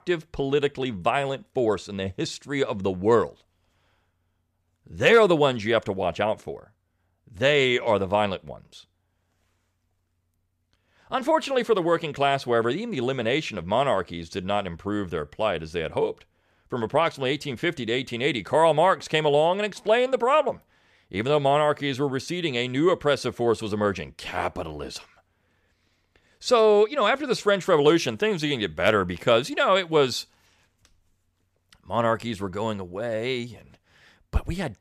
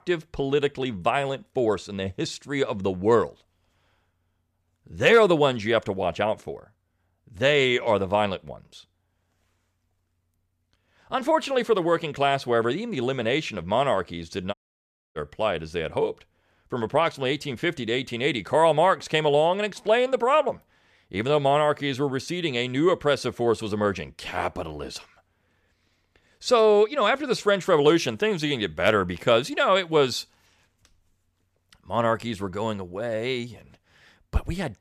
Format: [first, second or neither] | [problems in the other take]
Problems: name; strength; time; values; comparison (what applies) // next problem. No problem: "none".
first | audio cutting out; at 15 s for 0.5 s